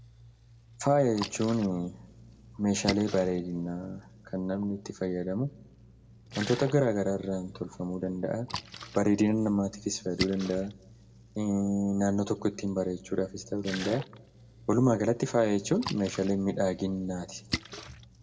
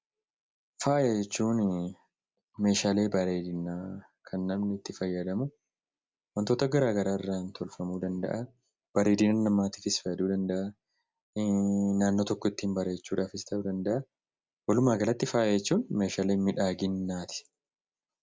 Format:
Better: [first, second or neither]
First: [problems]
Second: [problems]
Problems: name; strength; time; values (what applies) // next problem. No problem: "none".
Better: second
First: background sound (Splash, splatter); 14 dB below the speech // room echo; dies away in 1.3 s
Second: none